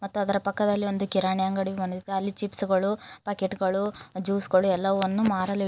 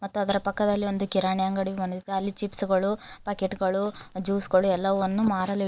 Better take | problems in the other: first | noise reduction (neural mask model Resemble Enhance denoiser)

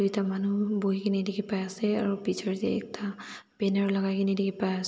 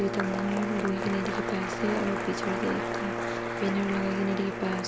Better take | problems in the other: first | background sound (Applause + Brass instrument); 1 dB below the speech

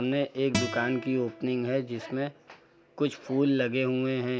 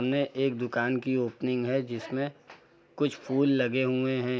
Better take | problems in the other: second | background sound (Acoustic guitar); 10 dB below the speech

